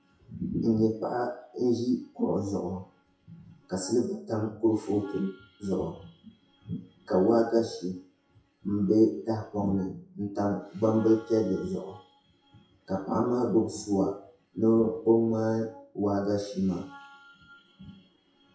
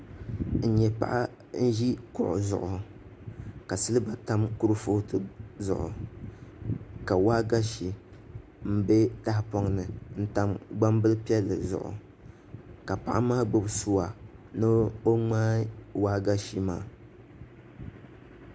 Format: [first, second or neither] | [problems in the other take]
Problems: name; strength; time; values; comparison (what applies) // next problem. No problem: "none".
second | noise reduction (classical method WPE with log-MMSE)